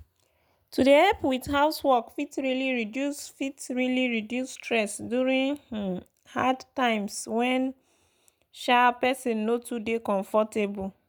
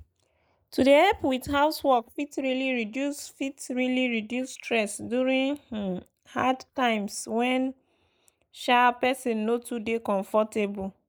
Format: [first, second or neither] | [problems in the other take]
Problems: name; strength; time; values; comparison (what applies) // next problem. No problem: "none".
first | noise reduction (neural mask model Resemble Enhance denoiser)